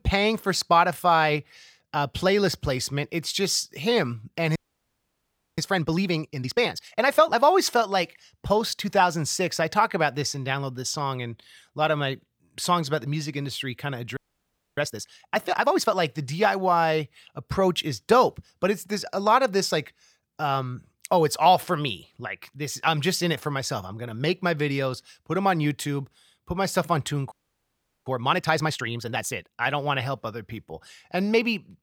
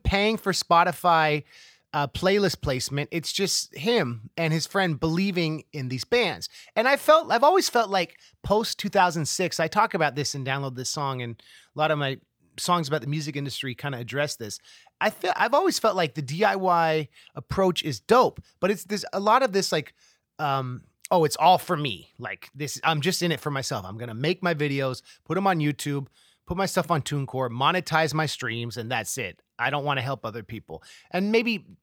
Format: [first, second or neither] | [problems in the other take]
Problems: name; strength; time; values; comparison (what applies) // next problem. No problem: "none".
second | audio freezing; at 4.5 s for 1 s, at 14 s for 0.5 s and at 27 s for 0.5 s